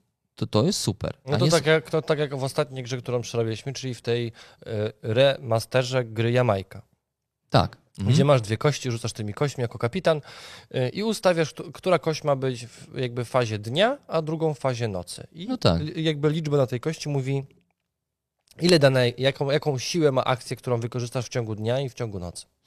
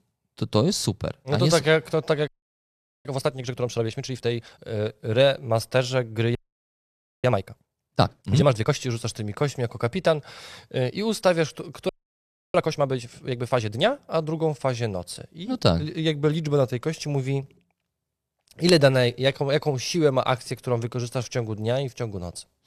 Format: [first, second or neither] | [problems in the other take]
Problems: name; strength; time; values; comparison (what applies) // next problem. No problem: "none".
first | audio freezing; at 2.5 s for 1 s, at 6.5 s for 1 s and at 12 s for 0.5 s